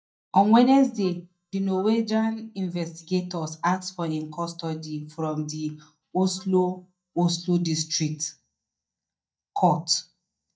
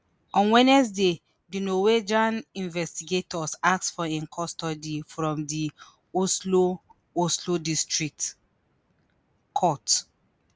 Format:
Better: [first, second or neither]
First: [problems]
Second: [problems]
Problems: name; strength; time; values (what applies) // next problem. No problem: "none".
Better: second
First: noise reduction (neural mask model DeepFilterNet 3)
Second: none